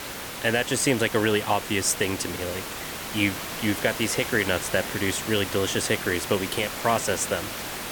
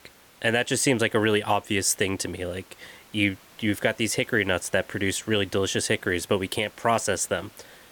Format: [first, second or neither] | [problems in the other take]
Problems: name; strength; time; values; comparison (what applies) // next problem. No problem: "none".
second | hiss; loud; throughout; 7 dB below the speech; faint in the second